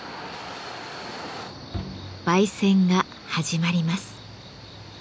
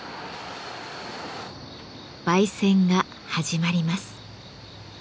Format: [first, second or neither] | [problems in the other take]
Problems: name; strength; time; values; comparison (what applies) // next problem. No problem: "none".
second | background sound (Bowed string instrument); 13 dB below the speech